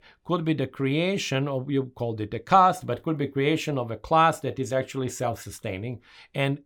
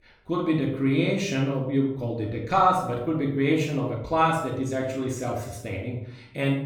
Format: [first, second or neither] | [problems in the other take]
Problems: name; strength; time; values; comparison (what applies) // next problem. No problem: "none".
first | off-mic speech; far // room echo; noticeable; dies away in 0.6 s